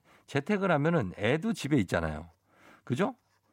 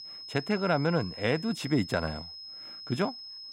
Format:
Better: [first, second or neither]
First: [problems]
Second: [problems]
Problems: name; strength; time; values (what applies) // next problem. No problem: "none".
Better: first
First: none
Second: high-pitched whine; noticeable; throughout; 5 kHz, 10 dB below the speech